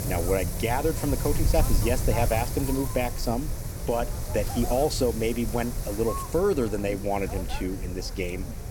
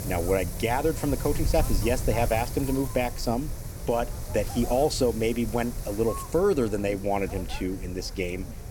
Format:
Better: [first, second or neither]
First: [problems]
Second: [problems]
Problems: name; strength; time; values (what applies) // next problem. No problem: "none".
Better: second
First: wind noise on the microphone; heavy; 9 dB below the speech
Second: wind noise on the microphone; occasional gusts; 15 dB below the speech